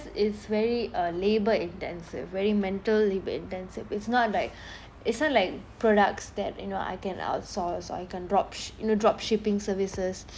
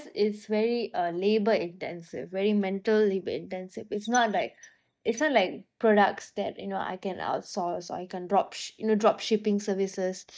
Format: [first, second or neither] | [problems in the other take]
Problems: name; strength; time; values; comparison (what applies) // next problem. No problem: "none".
first | noise reduction (neural mask model DeepFilterNet 3)